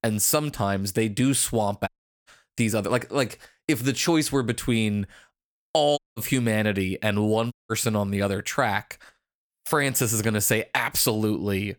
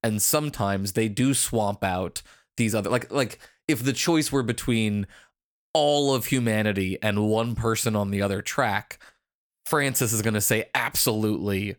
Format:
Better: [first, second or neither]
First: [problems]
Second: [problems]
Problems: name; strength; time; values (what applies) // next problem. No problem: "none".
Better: second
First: audio cutting out; at 2 s, at 6 s and at 7.5 s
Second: none